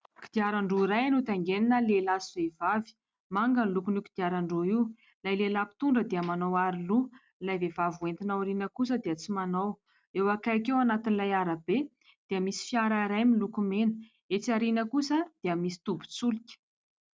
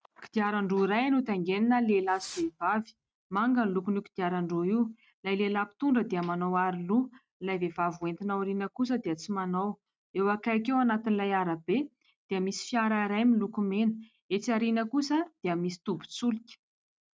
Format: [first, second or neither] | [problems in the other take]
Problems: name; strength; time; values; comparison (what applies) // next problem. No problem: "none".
first | noise reduction (neural mask model RNNoise)